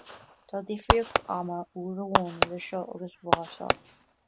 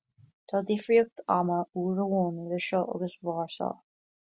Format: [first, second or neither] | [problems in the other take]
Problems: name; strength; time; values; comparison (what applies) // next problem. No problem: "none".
second | background sound (Fireworks); 4 dB above the speech